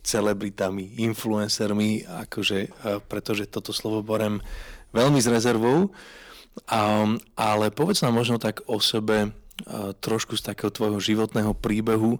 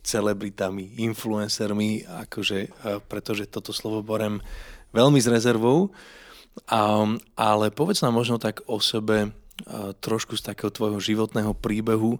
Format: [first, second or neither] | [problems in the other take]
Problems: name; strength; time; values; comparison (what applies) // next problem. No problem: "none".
second | distortion; slight; 4% of the sound clipped